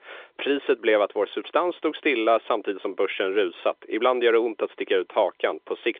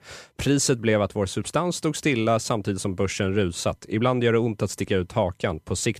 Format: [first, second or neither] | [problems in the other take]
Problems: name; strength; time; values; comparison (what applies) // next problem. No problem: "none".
second | phone-call audio; nothing above 3.5 kHz